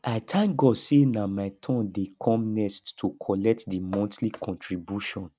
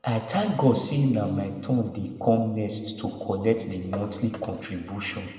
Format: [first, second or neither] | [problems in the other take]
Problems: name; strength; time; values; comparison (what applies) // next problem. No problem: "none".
first | room echo; dies away in 1.7 s